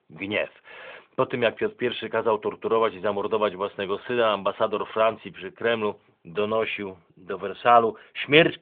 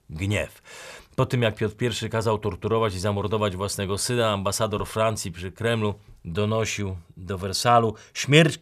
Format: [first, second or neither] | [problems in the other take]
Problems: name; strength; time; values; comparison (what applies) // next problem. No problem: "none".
second | phone-call audio; nothing above 3.5 kHz